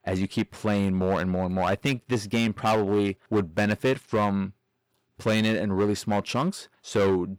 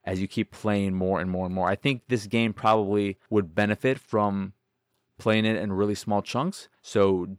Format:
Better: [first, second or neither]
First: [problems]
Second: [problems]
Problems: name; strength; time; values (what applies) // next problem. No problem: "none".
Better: second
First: distortion; slight; 9% of the sound clipped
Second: none